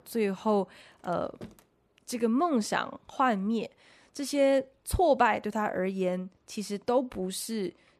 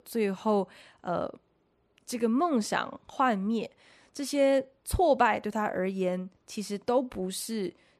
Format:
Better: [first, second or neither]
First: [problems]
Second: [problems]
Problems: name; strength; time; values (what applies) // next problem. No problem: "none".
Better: second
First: household noises; faint; throughout; 25 dB below the speech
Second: none